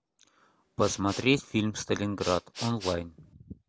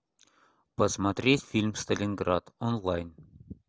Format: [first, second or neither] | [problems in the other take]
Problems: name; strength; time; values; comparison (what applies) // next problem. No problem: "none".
second | background sound (Respiratory sounds); 14 dB below the speech